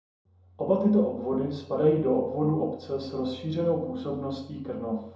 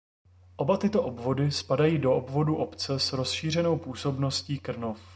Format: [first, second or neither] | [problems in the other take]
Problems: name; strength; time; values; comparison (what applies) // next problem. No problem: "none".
second | room echo; dies away in 2.6 s